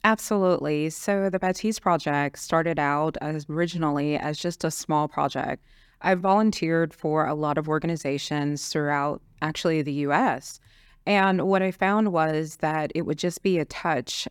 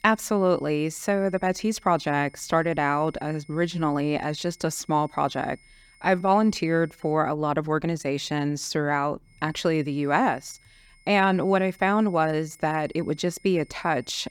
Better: first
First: none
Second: high-pitched whine; faint; until 7 s and from 9.5 s on; 2 kHz, 30 dB below the speech

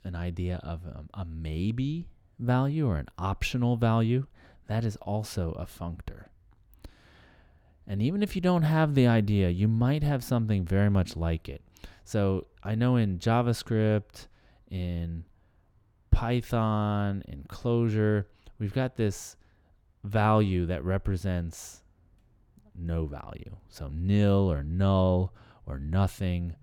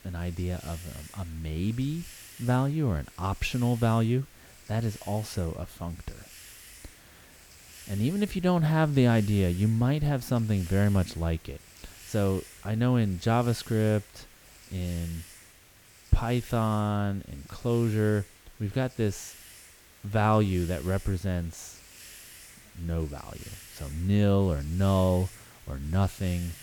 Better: first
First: none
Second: hiss; noticeable; throughout; 20 dB below the speech

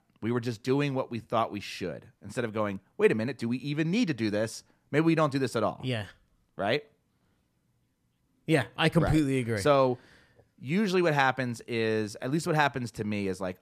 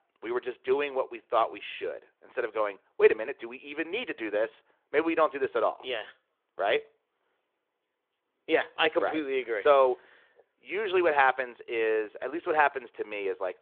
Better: first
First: none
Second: phone-call audio; nothing above 3.5 kHz

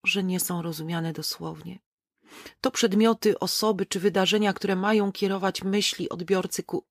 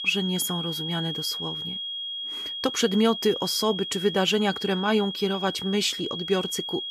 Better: first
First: none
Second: high-pitched whine; loud; throughout; 3.5 kHz, 5 dB below the speech

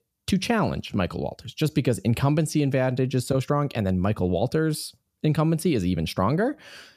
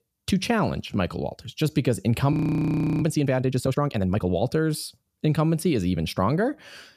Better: first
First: none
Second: audio freezing; at 2.5 s for 0.5 s

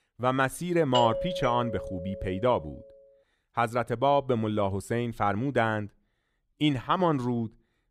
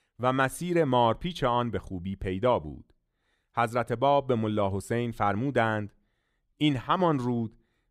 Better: second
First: doorbell; noticeable; from 1 to 2.5 s; peak 2 dB below the speech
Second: none

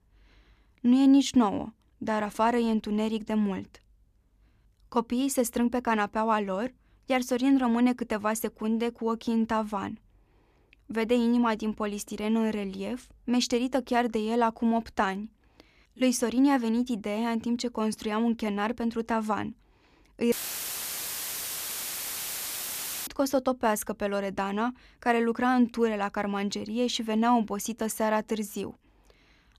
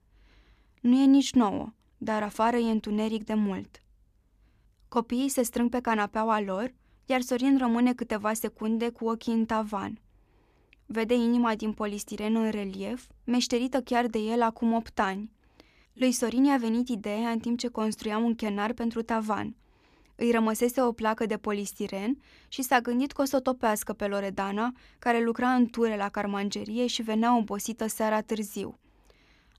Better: second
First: audio cutting out; filled with static; at 20 s for 3 s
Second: none

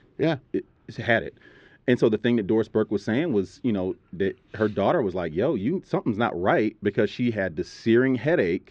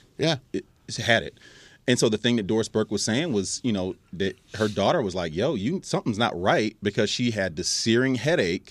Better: second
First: muffled; very; fading above 2 kHz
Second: none

